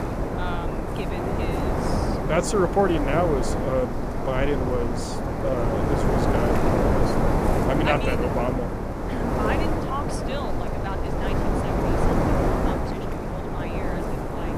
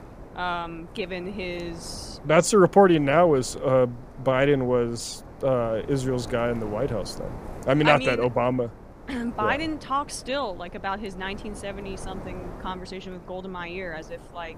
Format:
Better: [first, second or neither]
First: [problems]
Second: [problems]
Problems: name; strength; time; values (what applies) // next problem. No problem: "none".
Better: second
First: wind noise on the microphone; heavy; 1 dB above the speech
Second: wind noise on the microphone; occasional gusts; 20 dB below the speech